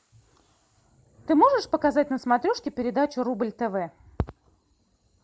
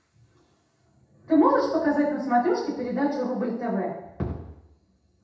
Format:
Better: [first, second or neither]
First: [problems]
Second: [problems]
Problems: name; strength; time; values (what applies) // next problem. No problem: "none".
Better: first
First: none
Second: room echo; dies away in 0.8 s